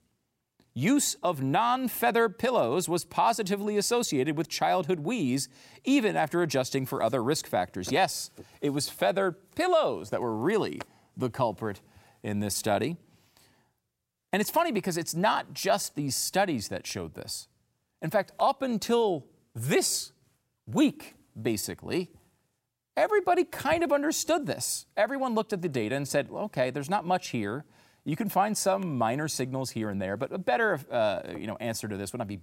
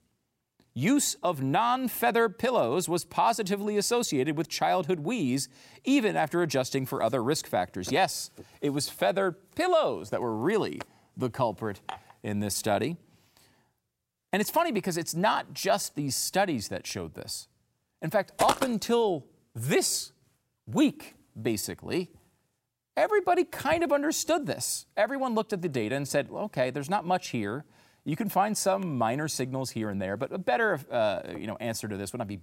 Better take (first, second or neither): first